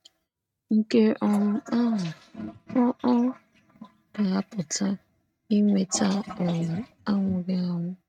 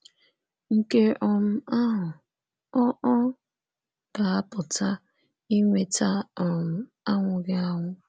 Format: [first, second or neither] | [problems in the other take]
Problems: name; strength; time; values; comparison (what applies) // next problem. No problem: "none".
second | noise reduction (neural mask model RNNoise)